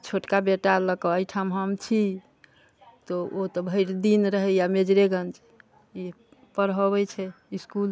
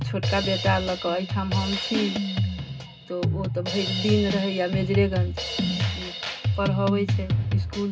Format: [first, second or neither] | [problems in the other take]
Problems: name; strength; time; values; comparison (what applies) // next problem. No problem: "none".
first | background sound (Drum kit); 1 dB above the speech // room echo; dies away in 0.2 s